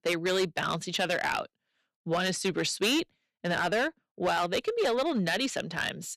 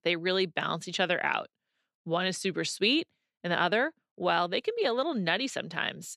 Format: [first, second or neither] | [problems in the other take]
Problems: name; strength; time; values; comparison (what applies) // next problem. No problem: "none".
second | distortion; heavy; 8% of the sound clipped